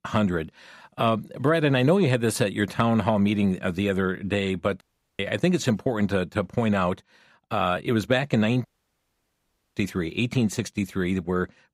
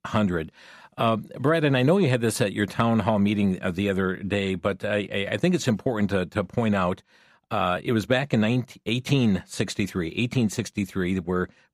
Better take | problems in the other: second | audio cutting out; at 5 s and at 8.5 s for 1 s

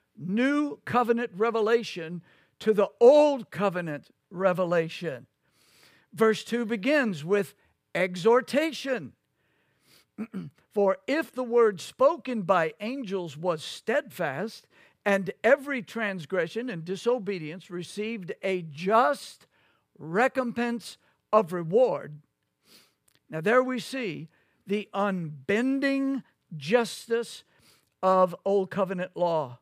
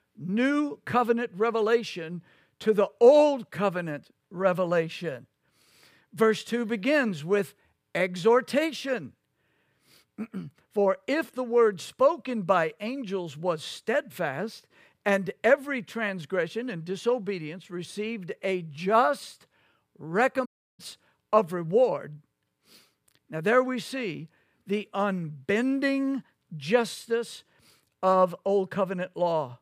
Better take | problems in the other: first | audio cutting out; at 20 s

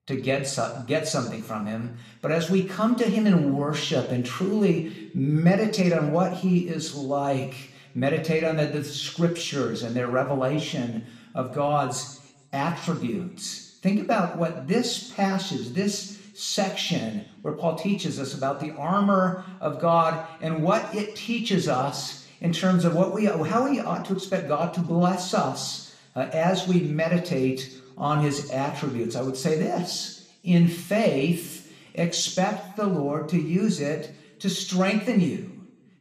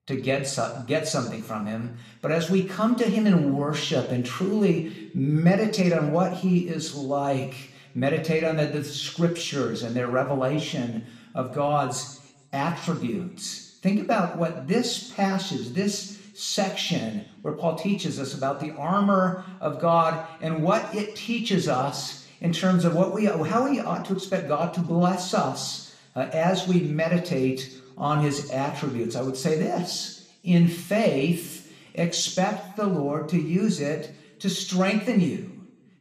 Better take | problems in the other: neither | room echo; slight; dies away in 0.7 s; the same in both // off-mic speech; somewhat distant; the same in both

